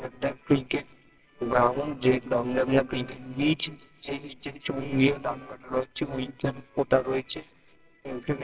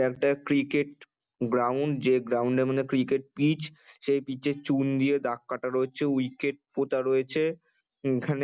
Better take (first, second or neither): second